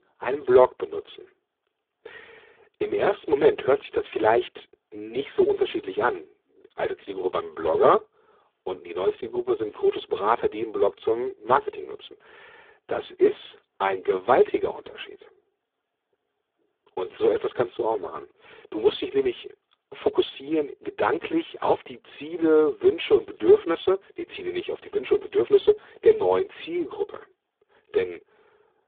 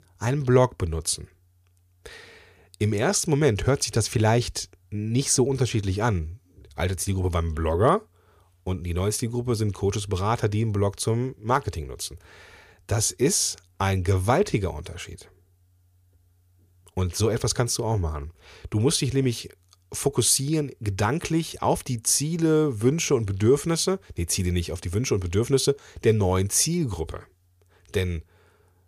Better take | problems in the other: second | phone-call audio; poor line

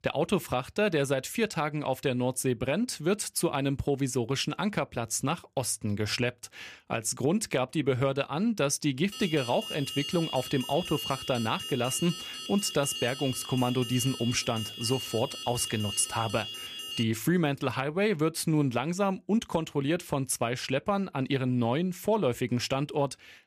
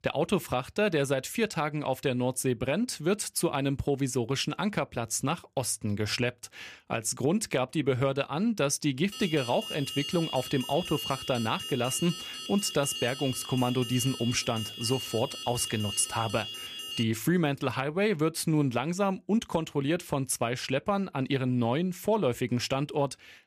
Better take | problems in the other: neither | alarm; noticeable; from 9 to 17 s; peak 6 dB below the speech; the same in both

